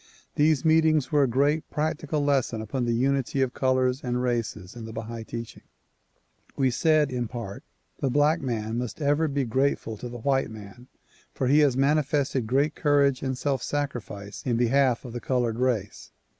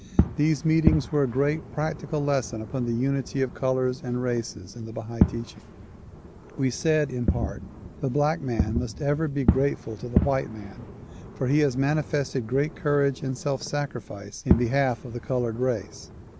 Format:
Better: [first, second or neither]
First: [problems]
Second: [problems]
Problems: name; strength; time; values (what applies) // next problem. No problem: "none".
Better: first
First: none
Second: background sound (Fireworks); 4 dB below the speech